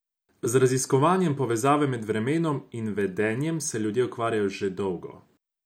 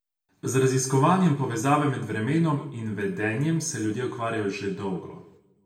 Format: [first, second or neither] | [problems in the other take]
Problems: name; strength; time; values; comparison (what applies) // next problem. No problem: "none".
first | room echo; dies away in 0.7 s